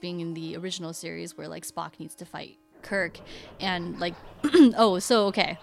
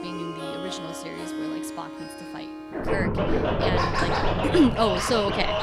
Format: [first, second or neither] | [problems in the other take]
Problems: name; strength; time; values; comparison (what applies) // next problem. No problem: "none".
first | background music; loud; throughout; as loud as the speech; faint in the first